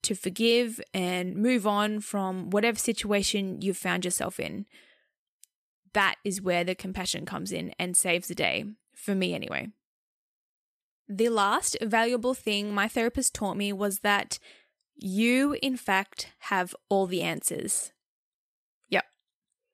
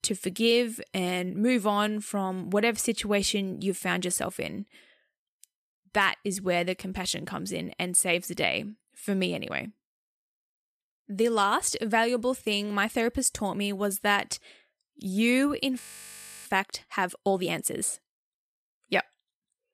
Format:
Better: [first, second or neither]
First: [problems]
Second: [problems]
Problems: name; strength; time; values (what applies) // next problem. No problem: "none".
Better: first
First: none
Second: audio freezing; at 16 s for 0.5 s